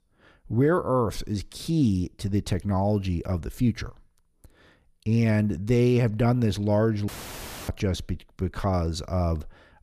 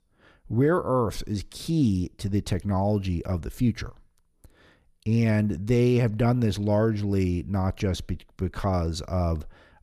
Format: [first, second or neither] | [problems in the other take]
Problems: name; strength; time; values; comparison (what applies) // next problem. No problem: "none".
second | audio cutting out; filled with static; at 7 s for 0.5 s